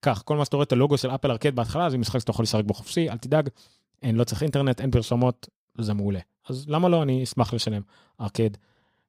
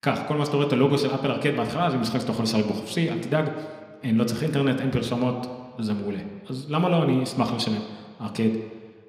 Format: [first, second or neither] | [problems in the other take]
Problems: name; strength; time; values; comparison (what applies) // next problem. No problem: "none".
first | room echo; slight; dies away in 1.5 s